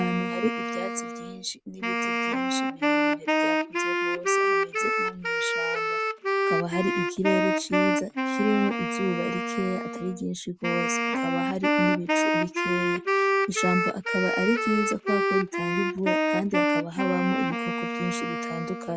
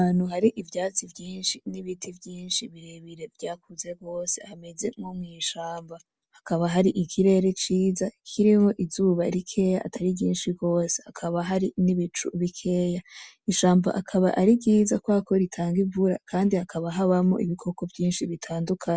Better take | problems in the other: second | background sound (Wind instrument, woodwind instrument); 4 dB above the speech

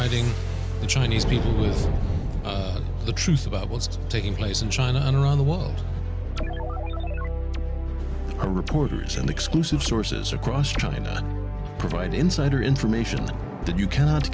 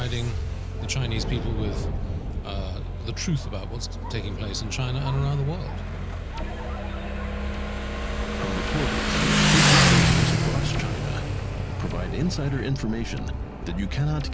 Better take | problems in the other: first | background sound (Motorcycle); 1 dB above the speech

